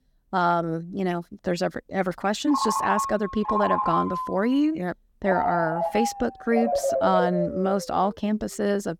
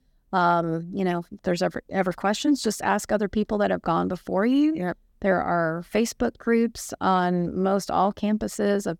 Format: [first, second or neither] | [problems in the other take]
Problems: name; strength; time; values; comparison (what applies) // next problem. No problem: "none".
second | phone ringing; loud; from 2.5 to 8 s; peak 2 dB above the speech